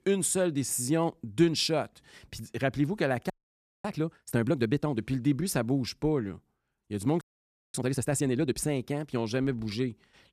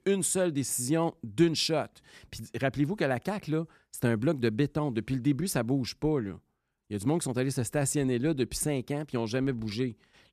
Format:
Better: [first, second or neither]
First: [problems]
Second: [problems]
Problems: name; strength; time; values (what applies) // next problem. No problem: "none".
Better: second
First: audio freezing; at 3.5 s for 0.5 s and at 7 s for 0.5 s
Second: none